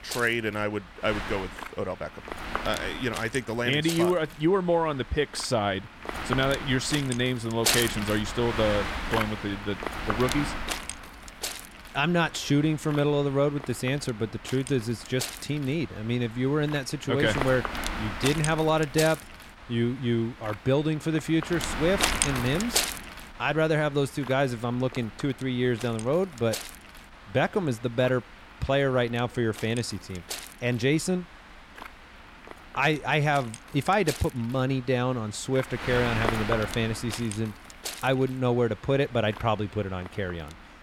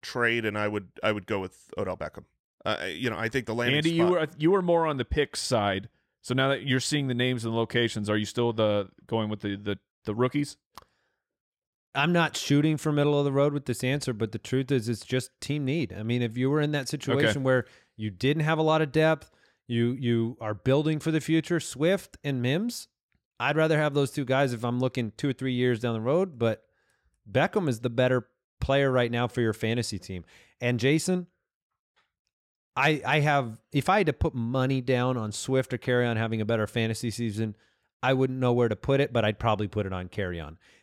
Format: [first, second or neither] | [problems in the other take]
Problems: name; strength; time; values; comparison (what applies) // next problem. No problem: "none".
second | wind noise on the microphone; heavy; 5 dB below the speech